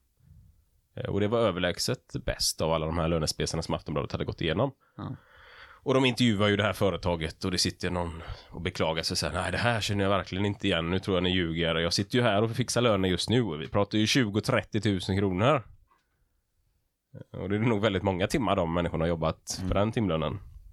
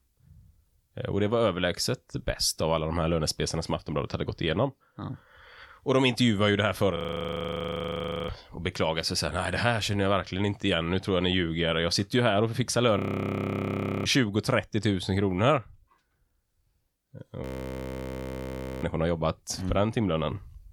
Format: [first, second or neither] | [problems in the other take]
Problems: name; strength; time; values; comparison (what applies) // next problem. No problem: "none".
first | audio freezing; at 7 s for 1.5 s, at 13 s for 1 s and at 17 s for 1.5 s